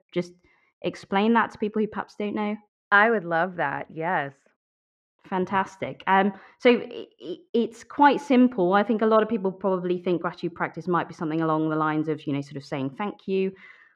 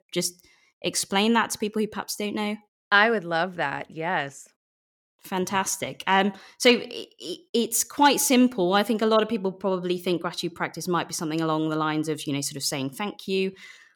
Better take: second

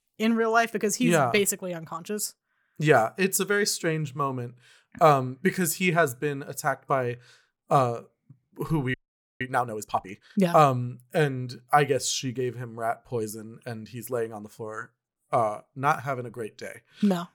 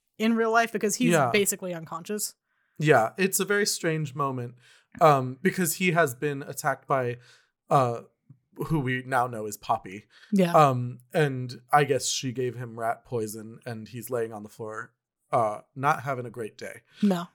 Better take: second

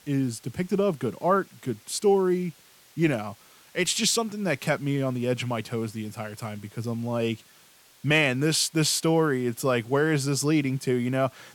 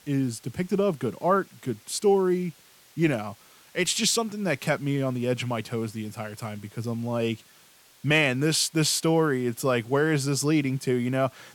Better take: neither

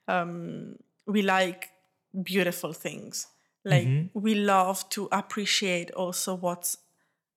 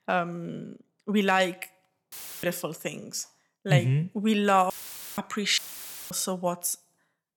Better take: first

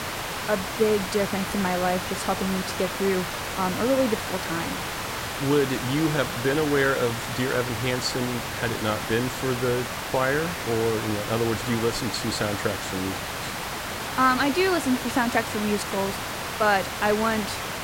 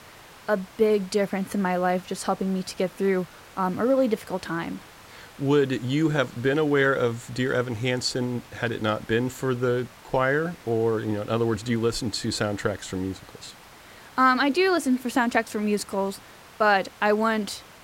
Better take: second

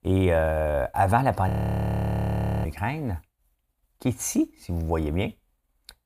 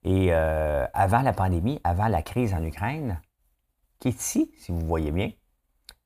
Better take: second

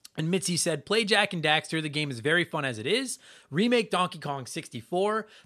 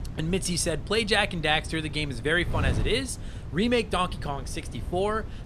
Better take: first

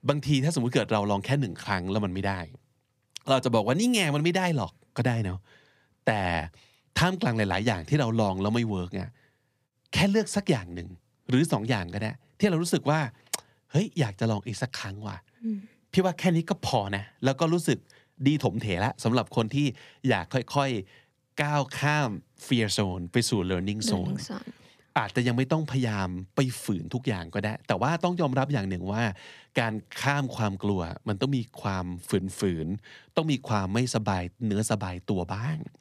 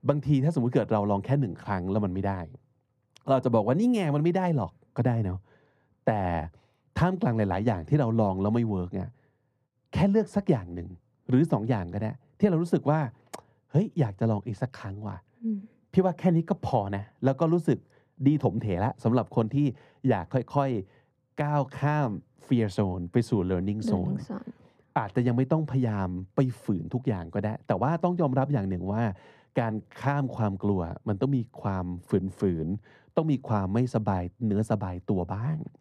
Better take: first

